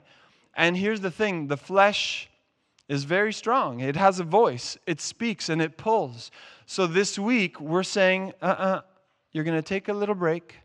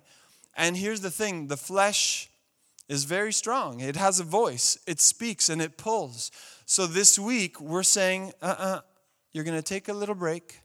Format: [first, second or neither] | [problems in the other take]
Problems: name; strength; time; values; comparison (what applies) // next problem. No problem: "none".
second | muffled; very; fading above 3.5 kHz